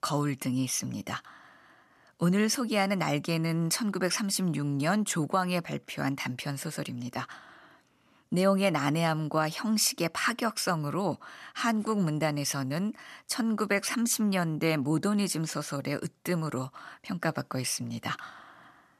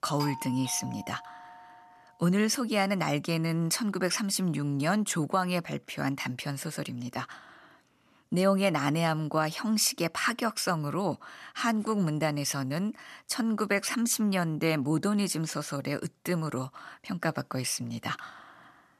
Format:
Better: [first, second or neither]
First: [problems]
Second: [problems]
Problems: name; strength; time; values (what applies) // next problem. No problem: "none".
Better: first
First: none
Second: doorbell; noticeable; until 1.5 s; peak 9 dB below the speech